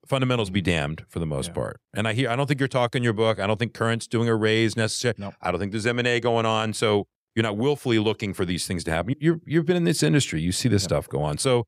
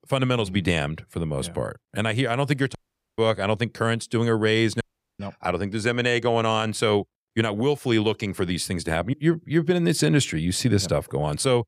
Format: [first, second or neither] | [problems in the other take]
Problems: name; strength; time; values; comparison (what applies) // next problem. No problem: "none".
first | audio cutting out; at 3 s and at 5 s